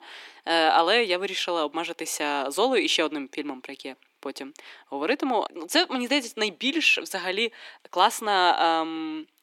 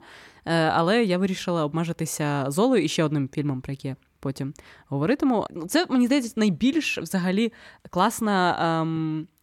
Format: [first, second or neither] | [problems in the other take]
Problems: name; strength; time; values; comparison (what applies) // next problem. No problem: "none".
second | thin; somewhat; fading below 300 Hz